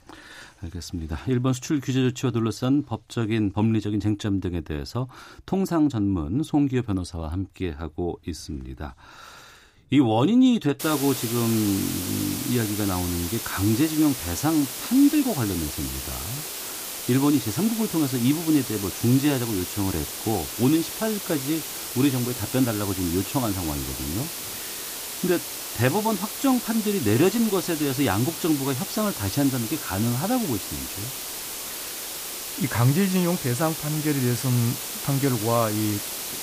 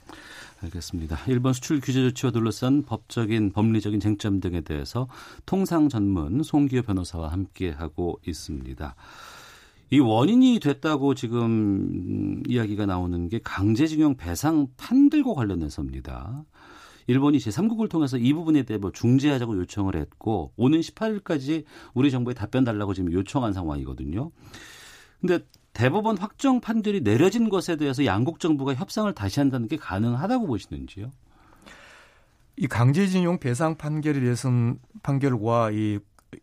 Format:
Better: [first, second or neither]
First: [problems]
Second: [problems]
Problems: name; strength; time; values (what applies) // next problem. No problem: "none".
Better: second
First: hiss; loud; from 11 s on; 6 dB below the speech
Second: none